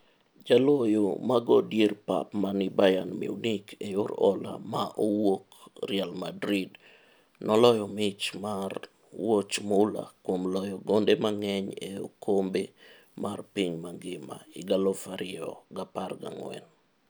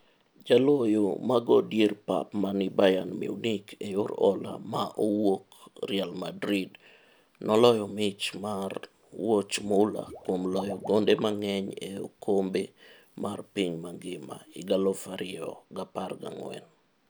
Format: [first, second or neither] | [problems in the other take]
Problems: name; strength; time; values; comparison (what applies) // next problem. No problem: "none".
first | background sound (Liquid); 17 dB below the speech